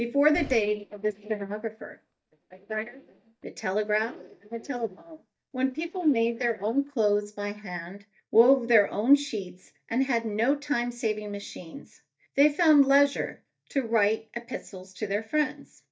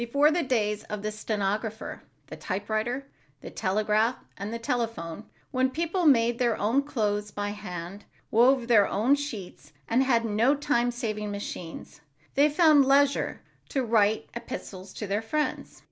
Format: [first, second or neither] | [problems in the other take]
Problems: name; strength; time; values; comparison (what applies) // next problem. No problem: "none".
second | noise reduction (neural mask model DeepFilterNet 3)